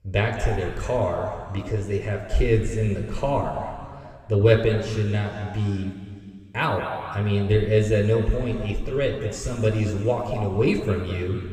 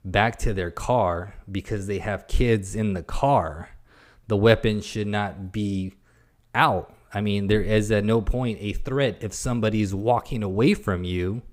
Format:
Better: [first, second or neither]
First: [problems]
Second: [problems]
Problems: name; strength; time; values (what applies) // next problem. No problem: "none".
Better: second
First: room echo; noticeable; dies away in 2.3 s // off-mic speech; somewhat distant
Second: none